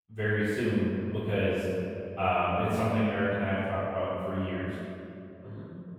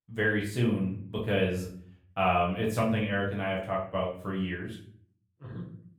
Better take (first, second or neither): second